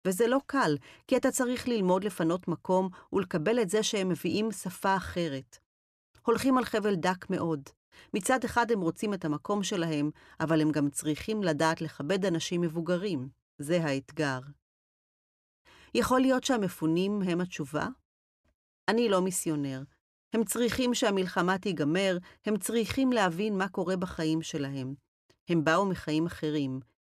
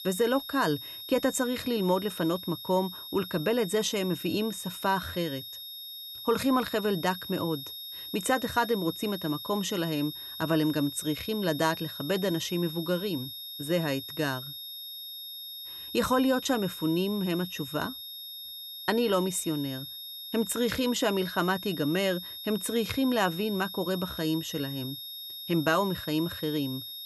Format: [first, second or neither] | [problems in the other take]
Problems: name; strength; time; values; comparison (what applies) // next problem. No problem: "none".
first | high-pitched whine; loud; throughout; 3.5 kHz, 9 dB below the speech